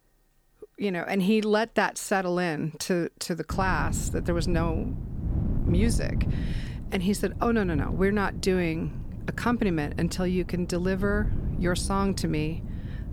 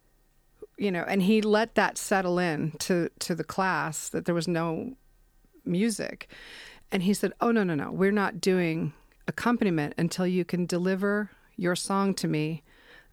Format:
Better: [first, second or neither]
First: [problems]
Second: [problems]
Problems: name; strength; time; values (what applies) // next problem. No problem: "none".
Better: second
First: wind noise on the microphone; occasional gusts; from 3.5 s on; 15 dB below the speech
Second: none